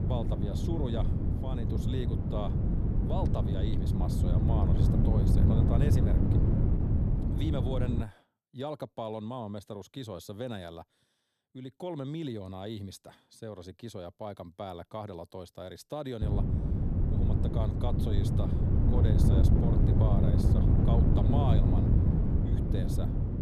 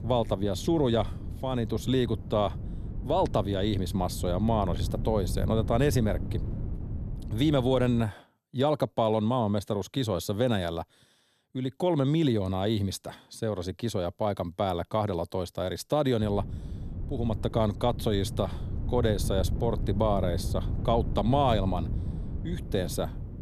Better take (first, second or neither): second